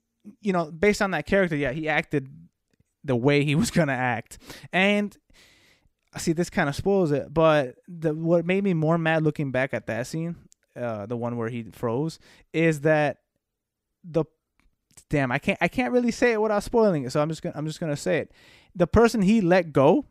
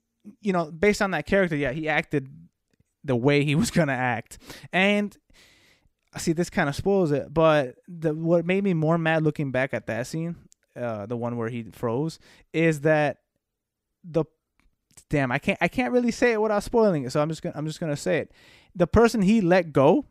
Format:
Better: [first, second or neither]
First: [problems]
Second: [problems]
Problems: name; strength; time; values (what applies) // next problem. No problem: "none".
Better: neither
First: none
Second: none